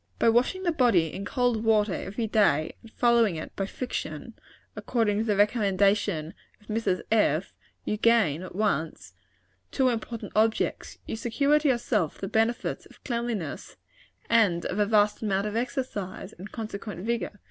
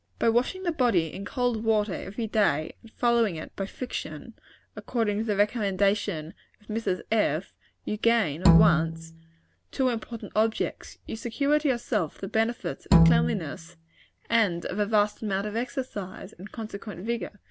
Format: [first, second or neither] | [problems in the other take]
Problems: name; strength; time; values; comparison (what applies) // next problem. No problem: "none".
first | background sound (Bowed string instrument); 4 dB above the speech